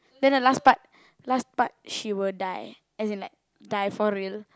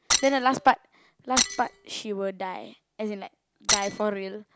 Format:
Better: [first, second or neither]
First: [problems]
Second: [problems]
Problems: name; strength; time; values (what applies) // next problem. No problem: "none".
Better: first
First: none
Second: background sound (Shatter); 1 dB below the speech